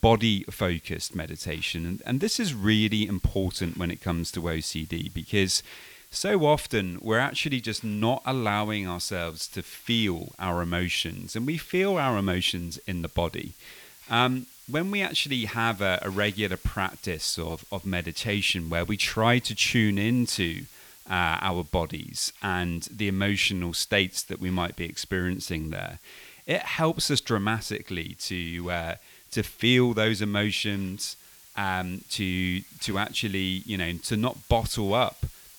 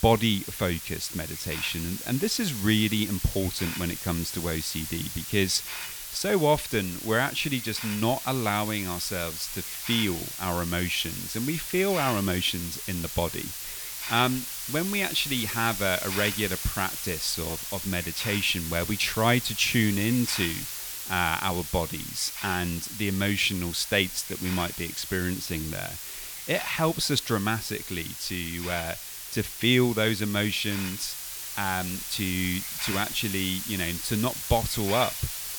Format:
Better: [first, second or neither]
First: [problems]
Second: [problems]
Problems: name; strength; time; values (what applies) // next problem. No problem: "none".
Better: first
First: hiss; faint; throughout; 20 dB below the speech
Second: hiss; loud; throughout; 6 dB below the speech